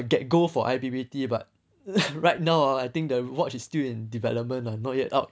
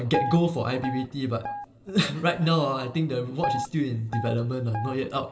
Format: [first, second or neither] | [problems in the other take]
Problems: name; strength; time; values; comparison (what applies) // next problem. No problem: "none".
first | background sound (Guitar); 7 dB below the speech // room echo; dies away in 1.4 s